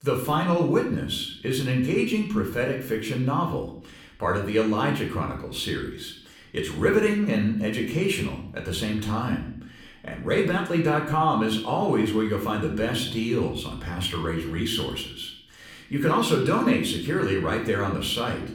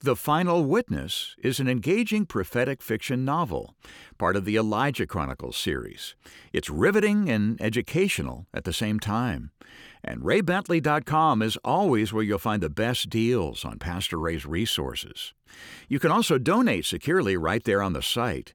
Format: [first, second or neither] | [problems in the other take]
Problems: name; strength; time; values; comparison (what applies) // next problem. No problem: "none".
second | room echo; slight; dies away in 0.6 s // off-mic speech; somewhat distant